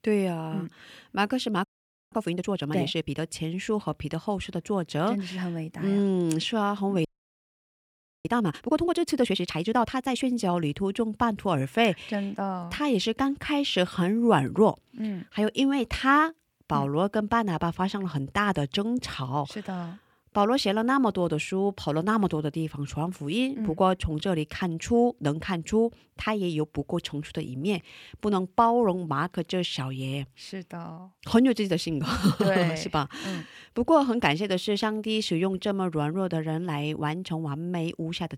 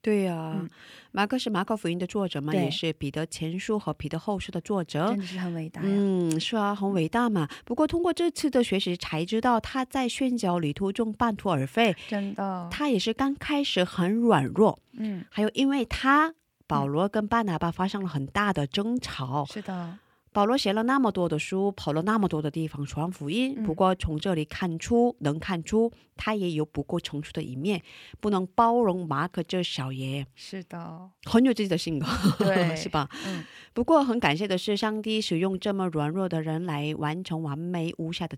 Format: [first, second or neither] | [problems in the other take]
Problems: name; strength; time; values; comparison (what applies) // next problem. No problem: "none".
second | audio freezing; at 1.5 s and at 7 s for 1 s